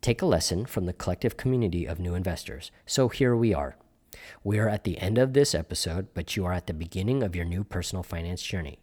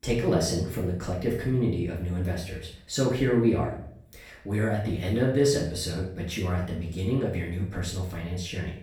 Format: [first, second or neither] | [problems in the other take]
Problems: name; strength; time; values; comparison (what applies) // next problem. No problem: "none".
first | off-mic speech; far // room echo; noticeable; dies away in 0.5 s